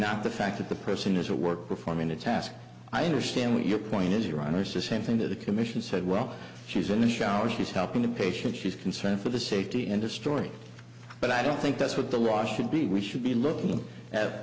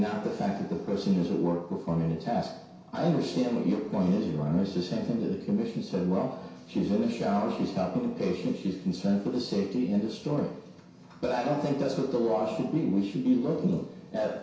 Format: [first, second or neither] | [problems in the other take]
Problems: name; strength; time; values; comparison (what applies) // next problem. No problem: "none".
first | room echo; dies away in 0.6 s